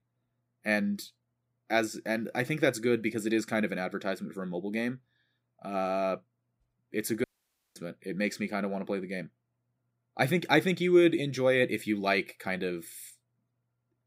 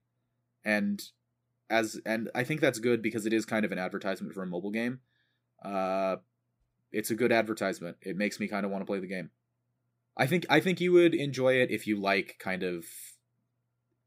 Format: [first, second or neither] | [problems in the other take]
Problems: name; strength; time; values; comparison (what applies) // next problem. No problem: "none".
second | audio cutting out; at 7 s for 0.5 s